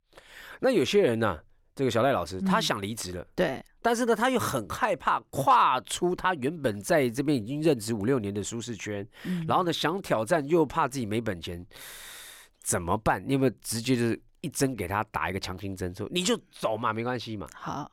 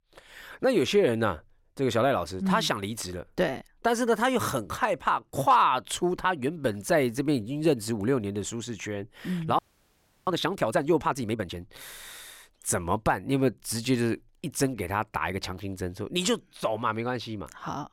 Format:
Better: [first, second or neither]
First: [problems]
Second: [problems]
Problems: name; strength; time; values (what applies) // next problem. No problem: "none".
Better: first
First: none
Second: audio freezing; at 9.5 s for 0.5 s